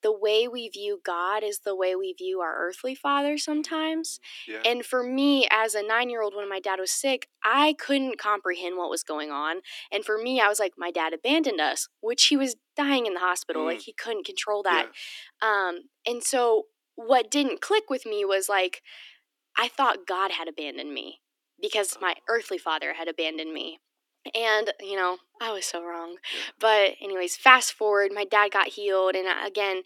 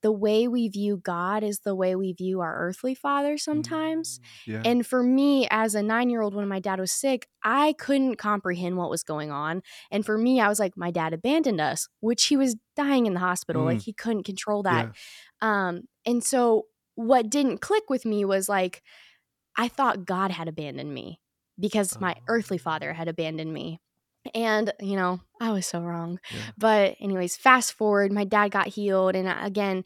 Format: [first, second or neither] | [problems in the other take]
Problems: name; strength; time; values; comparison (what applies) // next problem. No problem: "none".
second | thin; very slightly; fading below 300 Hz